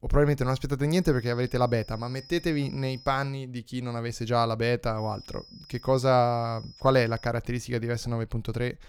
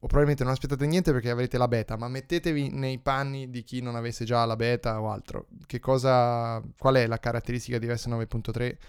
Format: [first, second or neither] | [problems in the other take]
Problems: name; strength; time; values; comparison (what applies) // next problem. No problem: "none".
second | high-pitched whine; faint; from 1 to 3.5 s and from 5 to 7.5 s; 5 kHz, 20 dB below the speech